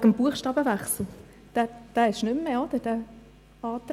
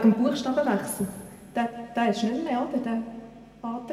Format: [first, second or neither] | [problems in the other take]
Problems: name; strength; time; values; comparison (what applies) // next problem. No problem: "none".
first | room echo; dies away in 1.7 s